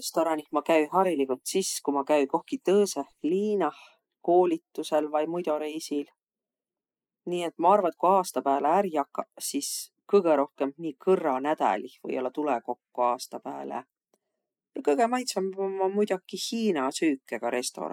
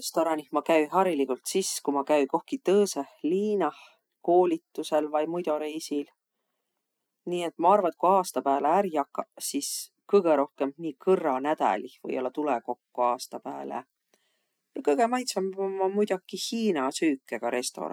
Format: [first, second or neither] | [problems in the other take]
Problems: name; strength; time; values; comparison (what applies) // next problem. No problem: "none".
second | noise reduction (neural mask model Resemble Enhance denoiser)